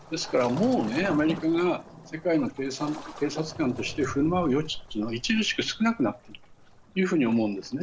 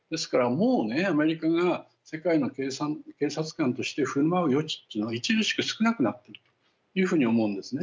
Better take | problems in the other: second | background sound (Waves, surf); 13 dB below the speech

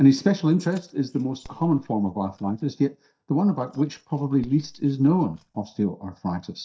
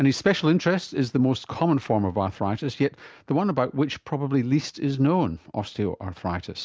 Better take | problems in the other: second | noise reduction (neural mask model DeepFilterNet 3)

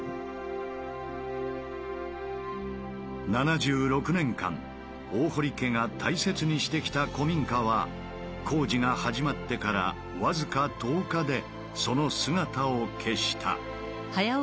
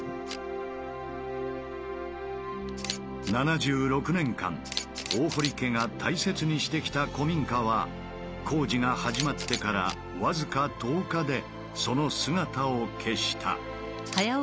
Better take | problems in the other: first | background sound (Camera); 14 dB below the speech

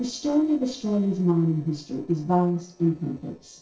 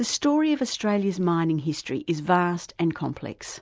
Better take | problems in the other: second | noise reduction (neural separator model SepFormer DNS4)

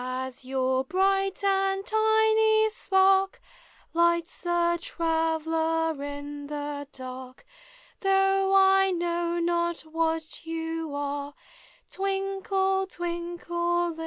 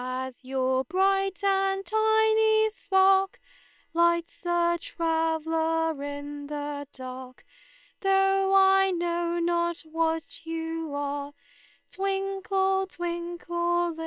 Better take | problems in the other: first | noise reduction (neural separator model SepFormer WHAM!)

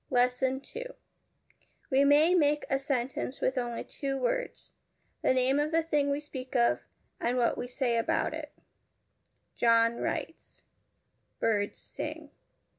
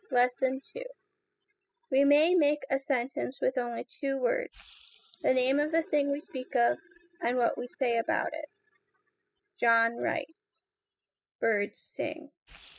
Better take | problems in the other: first | noise reduction (classical method spectral subtraction)

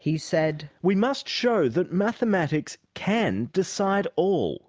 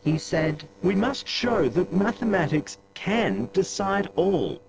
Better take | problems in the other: first | noise reduction (neural separator model SepFormer DNS4)

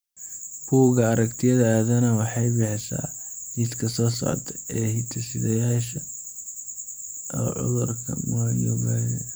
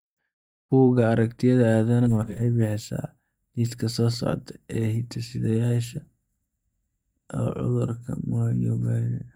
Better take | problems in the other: first | noise reduction (neural mask model DeepFilterNet 3)

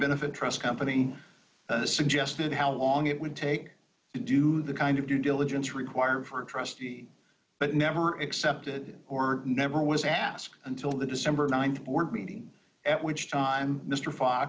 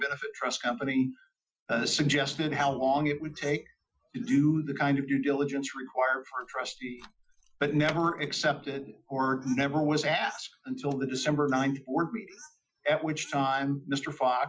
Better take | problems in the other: first | noise reduction (classical method Wiener filter)

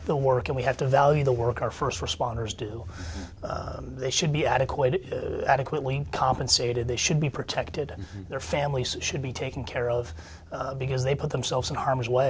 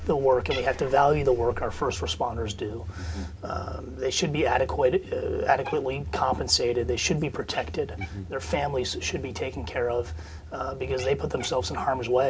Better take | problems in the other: first | background sound (Cat); 18 dB below the speech // room echo; dies away in 0.3 s

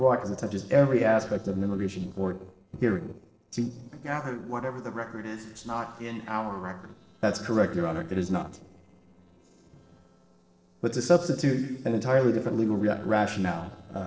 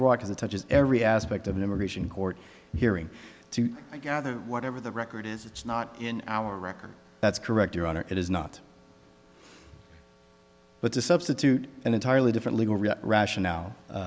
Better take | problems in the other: second | noise reduction (neural separator model SepFormer DNS4)

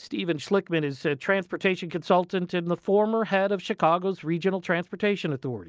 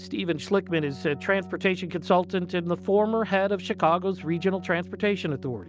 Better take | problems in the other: first | background sound (Keyboard (musical)); 16 dB below the speech

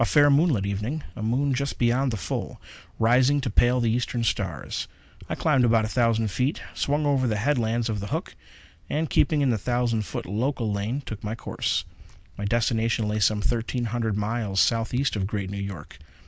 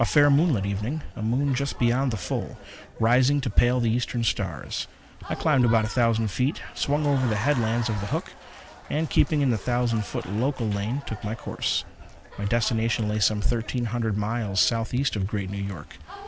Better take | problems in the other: first | background sound (Applause / Crowd); 18 dB below the speech

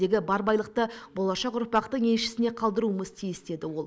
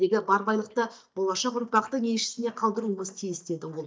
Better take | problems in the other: first | noise reduction (neural mask model DeepFilterNet 3)

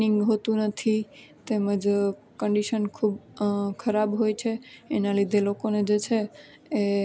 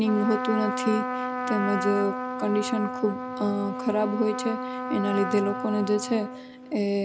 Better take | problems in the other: first | background sound (Trumpet); 5 dB below the speech

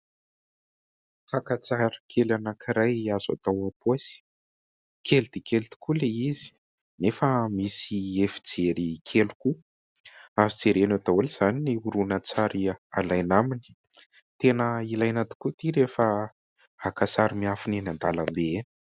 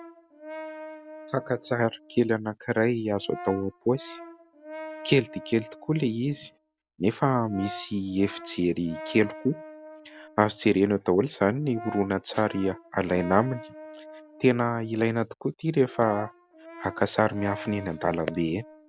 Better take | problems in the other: first | background sound (Brass instrument); 16 dB below the speech

